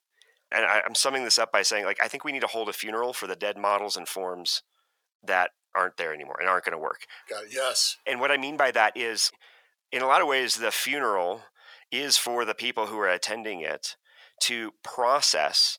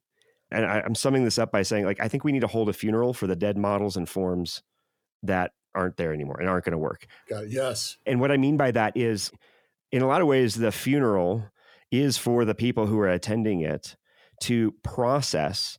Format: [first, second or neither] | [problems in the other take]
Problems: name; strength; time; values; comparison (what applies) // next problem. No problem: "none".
second | thin; very; fading below 900 Hz